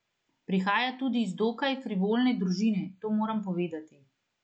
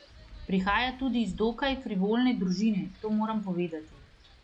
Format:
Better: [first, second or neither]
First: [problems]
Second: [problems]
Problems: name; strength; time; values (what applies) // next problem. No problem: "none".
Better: first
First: none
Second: background sound (Wind); 20 dB below the speech